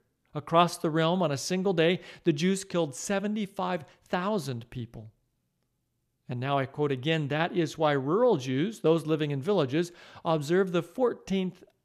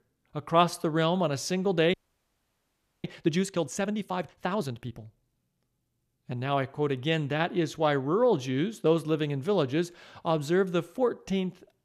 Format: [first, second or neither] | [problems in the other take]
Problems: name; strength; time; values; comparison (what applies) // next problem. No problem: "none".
first | audio freezing; at 2 s for 1 s